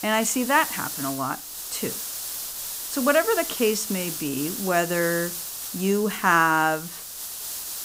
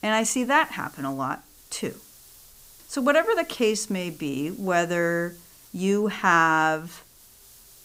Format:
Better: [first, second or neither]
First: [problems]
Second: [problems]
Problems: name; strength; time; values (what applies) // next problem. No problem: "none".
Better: second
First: hiss; loud; throughout; 7 dB below the speech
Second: hiss; faint; throughout; 25 dB below the speech